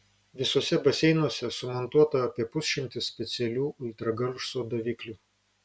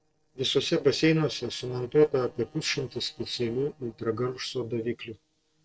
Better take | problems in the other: first | noise reduction (neural separator model SepFormer DNS4)

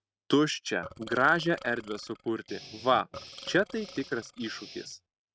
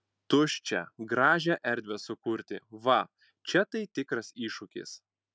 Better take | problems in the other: second | noise reduction (neural mask model RNNoise)

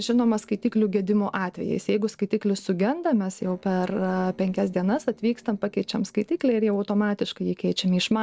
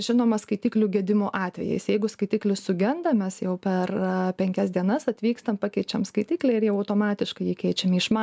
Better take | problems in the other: second | noise reduction (neural separator model SepFormer DNS4)

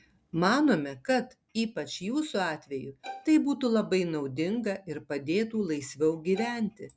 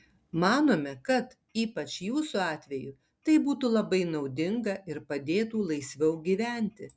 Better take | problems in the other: second | background sound (Bowed string instrument); 14 dB below the speech

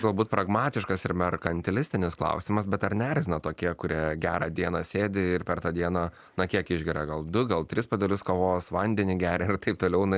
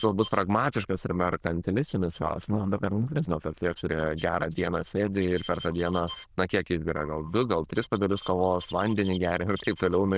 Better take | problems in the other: first | noise reduction (neural diffusion model UNIVERSE++)

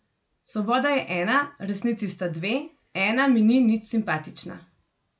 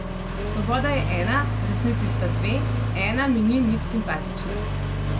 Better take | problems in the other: first | background sound (Accelerating, revving, vroom); 1 dB above the speech

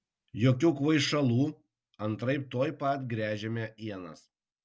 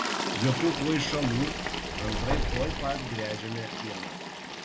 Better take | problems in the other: first | background sound (Subway, metro, underground + Toilet flush); as loud as the speech

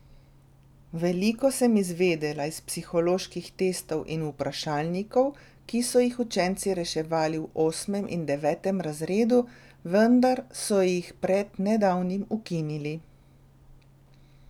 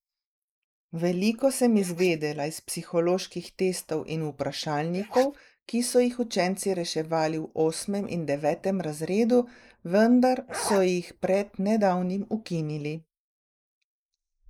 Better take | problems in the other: first | noise reduction (neural mask model Resemble Enhance denoiser)

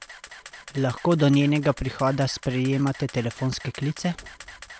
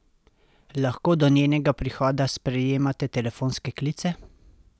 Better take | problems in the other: second | background sound (Camera); 19 dB below the speech

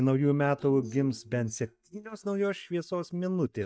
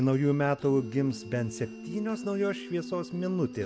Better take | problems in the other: second | noise reduction (neural mask model DeepFilterNet 3)

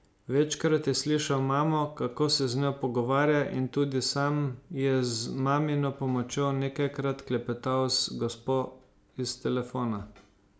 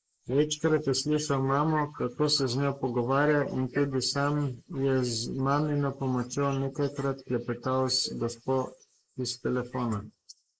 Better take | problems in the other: first | noise reduction (neural mask model Resemble Enhance denoiser)

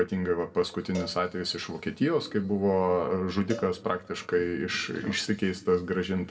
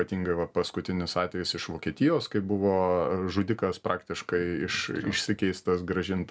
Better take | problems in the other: second | background sound (Cowbell); 20 dB below the speech // room echo; dies away in 0.8 s

